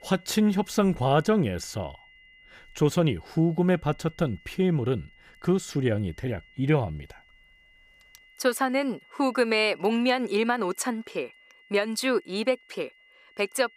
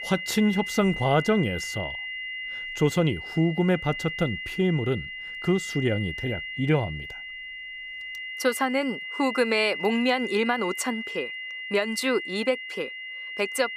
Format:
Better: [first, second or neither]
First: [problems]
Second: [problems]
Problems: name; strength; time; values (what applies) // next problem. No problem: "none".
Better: first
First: high-pitched whine; faint; throughout; 2 kHz, 30 dB below the speech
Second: high-pitched whine; loud; throughout; 2 kHz, 7 dB below the speech